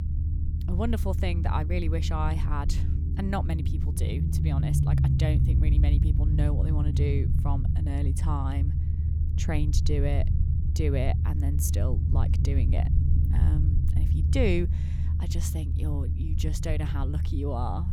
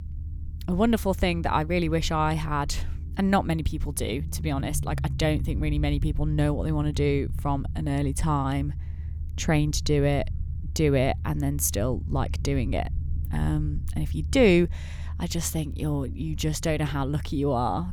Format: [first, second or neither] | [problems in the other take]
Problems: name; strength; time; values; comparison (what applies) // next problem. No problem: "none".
second | low rumble; loud; throughout; 5 dB below the speech; faint in the second